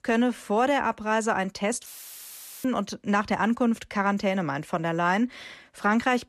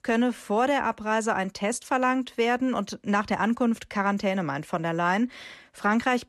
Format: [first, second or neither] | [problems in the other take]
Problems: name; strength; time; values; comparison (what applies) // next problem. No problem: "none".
second | audio cutting out; filled with static; at 2 s for 1 s